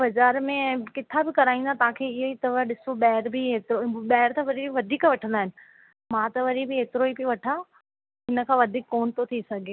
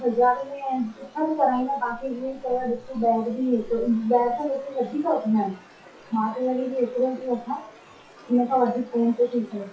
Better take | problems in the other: first | noise reduction (classical method WPE with log-MMSE)

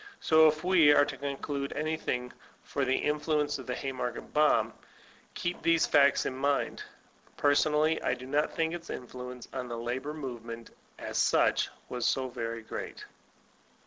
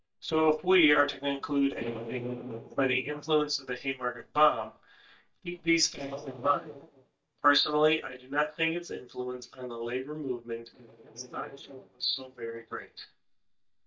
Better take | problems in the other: first | noise reduction (neural mask model DeepFilterNet 3)

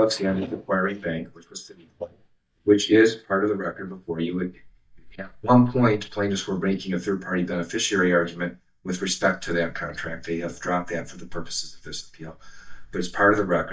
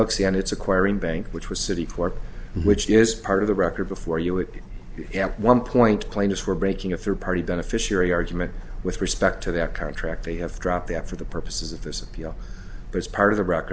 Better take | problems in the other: second | noise reduction (neural mask model DeepFilterNet 3)

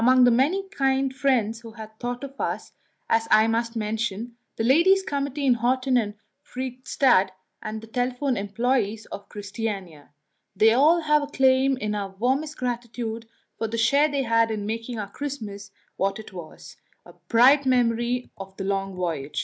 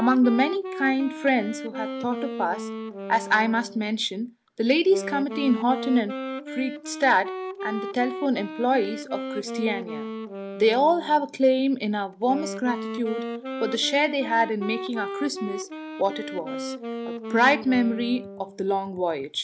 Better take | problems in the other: first | background sound (Wind instrument, woodwind instrument); 9 dB below the speech

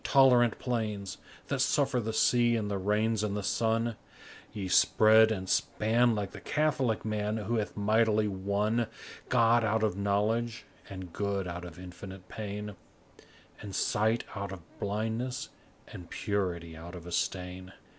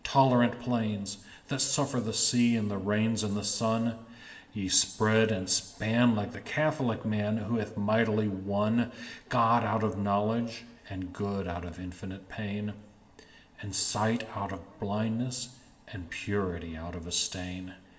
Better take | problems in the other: first | room echo; dies away in 1 s

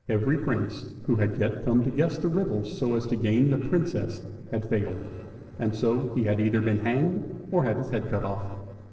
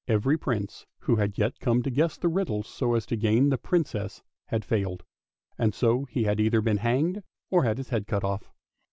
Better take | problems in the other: second | noise reduction (neural separator model SepFormer DNS4)

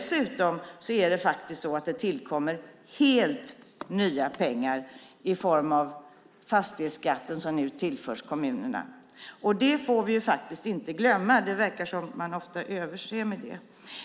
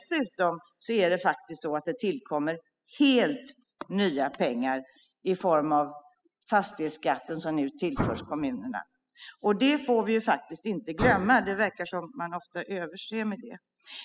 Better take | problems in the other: first | noise reduction (classical method spectral subtraction)

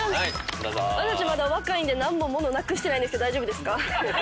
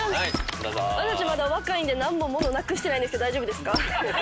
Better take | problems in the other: first | background sound (Squeak); 10 dB below the speech

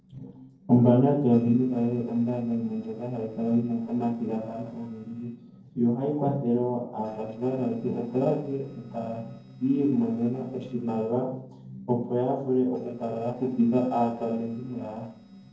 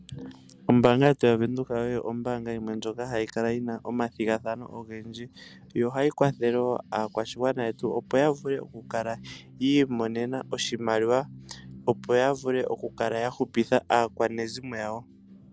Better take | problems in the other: second | noise reduction (neural separator model SepFormer DNS4)

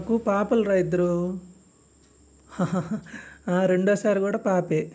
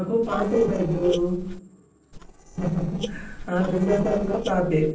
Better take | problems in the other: first | noise reduction (neural separator model SepFormer DNS4)

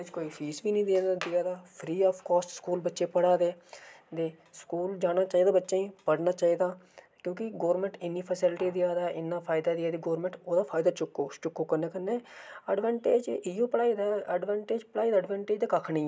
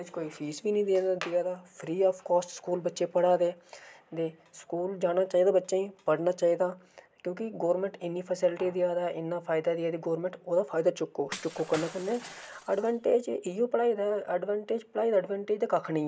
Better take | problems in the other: first | background sound (Shatter / Crushing); 15 dB below the speech

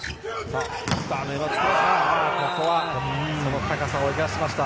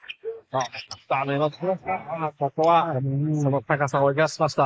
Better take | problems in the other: first | noise reduction (neural mask model Resemble Enhance denoiser)

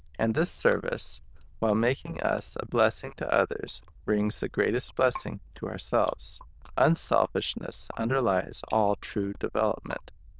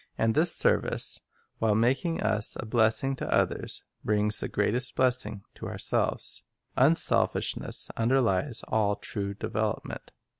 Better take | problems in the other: second | noise reduction (neural diffusion model UNIVERSE++)

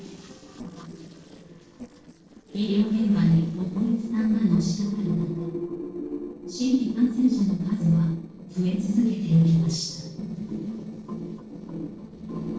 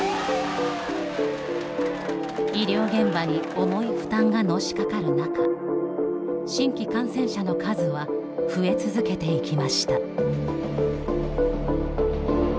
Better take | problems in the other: second | noise reduction (neural separator model SepFormer DNS4)

